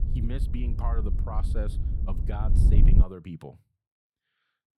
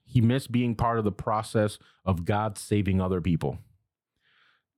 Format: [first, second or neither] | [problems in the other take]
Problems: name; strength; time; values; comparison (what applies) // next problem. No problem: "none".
second | wind noise on the microphone; faint; until 3 s; 2 dB below the speech